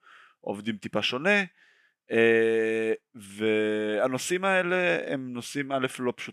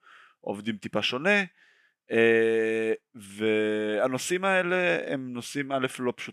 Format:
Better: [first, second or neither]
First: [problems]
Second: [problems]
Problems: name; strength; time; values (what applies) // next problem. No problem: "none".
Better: neither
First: none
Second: none